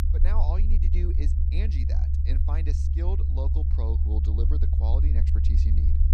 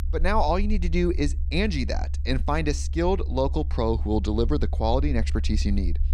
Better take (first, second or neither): second